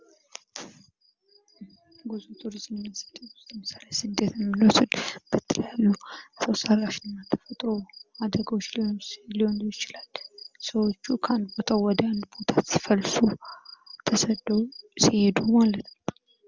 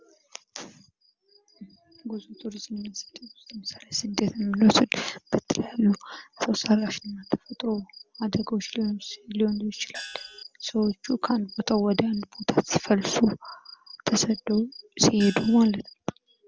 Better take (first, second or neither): first